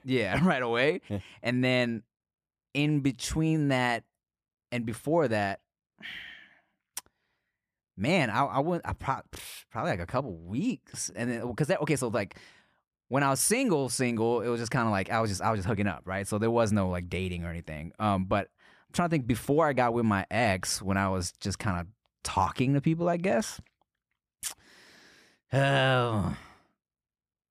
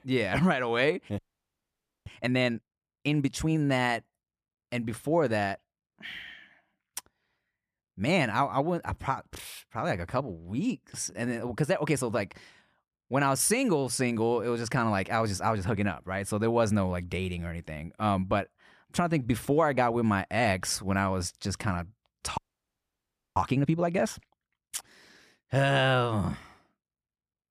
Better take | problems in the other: first | audio freezing; at 1 s for 1 s and at 22 s for 1 s

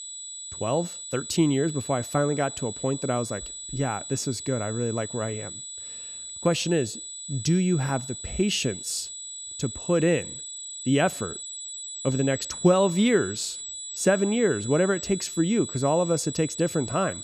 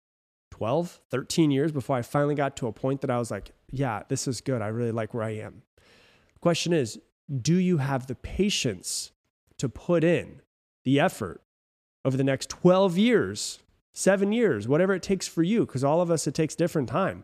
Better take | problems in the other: second | high-pitched whine; loud; throughout; 8 kHz, 9 dB below the speech

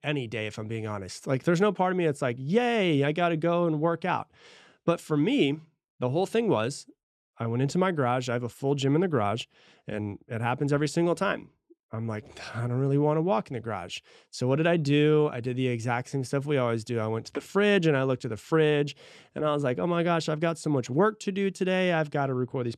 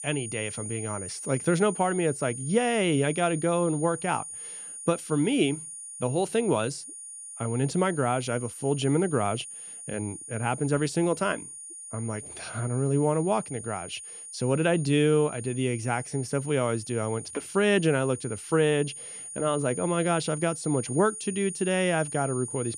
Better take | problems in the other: first | high-pitched whine; noticeable; throughout; 9.5 kHz, 10 dB below the speech

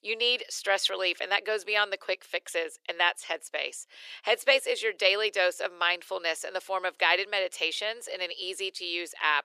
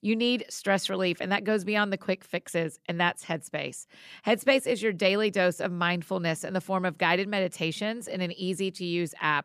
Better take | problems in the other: second | thin; very; fading below 400 Hz

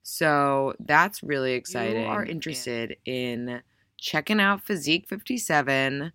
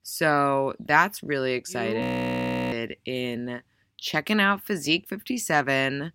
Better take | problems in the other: first | audio freezing; at 2 s for 0.5 s

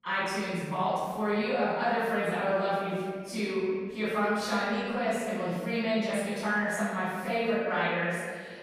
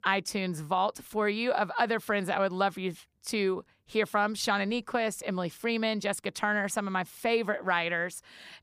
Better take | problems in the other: second | off-mic speech; far // room echo; strong; dies away in 1.9 s

